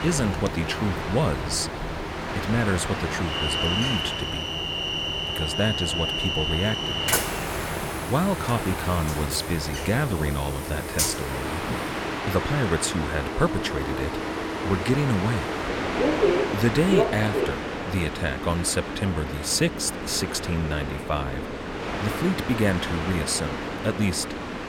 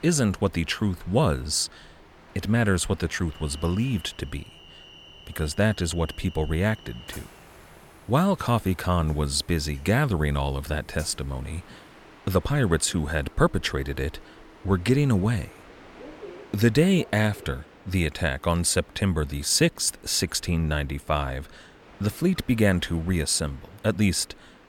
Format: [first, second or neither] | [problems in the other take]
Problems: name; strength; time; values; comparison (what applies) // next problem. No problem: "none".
second | train or aircraft noise; loud; throughout; 1 dB below the speech; faint in the second